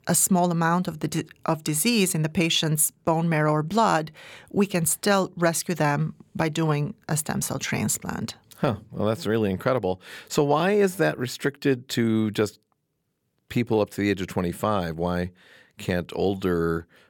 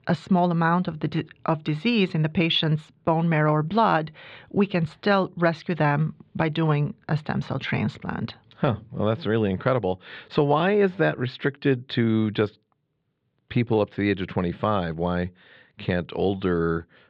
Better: first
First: none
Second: muffled; slightly; fading above 4 kHz

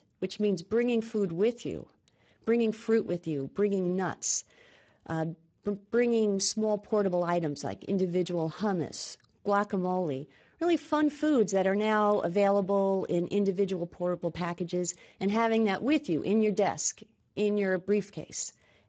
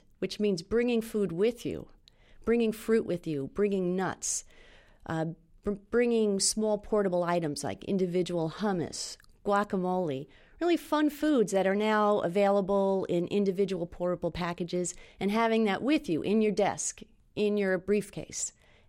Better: second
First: garbled, watery; badly; nothing above 7.5 kHz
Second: none

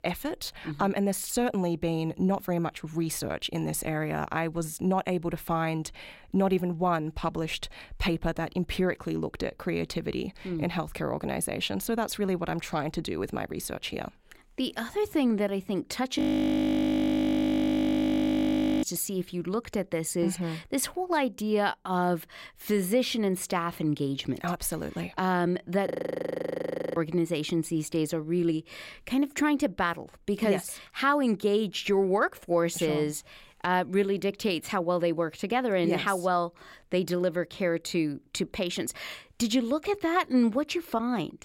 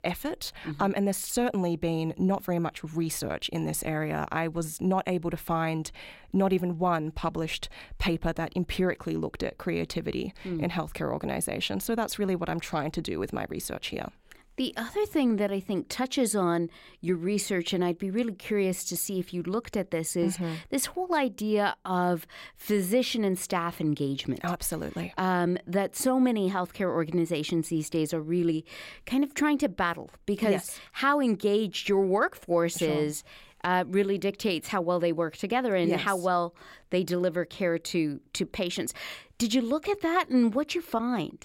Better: second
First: audio freezing; at 16 s for 2.5 s and at 26 s for 1 s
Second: none

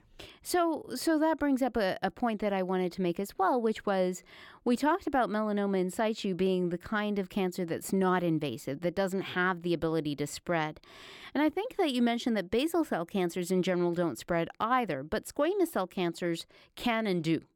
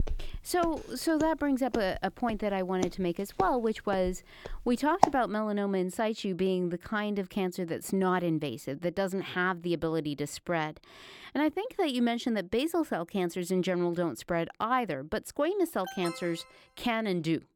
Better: first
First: none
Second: footsteps; loud; until 5 s; peak 4 dB above the speech // alarm; noticeable; at 16 s; peak 9 dB below the speech

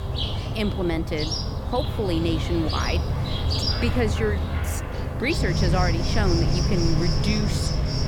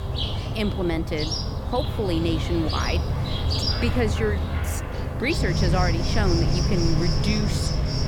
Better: neither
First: animal sounds; very loud; throughout; 2 dB above the speech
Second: animal sounds; very loud; throughout; 2 dB above the speech

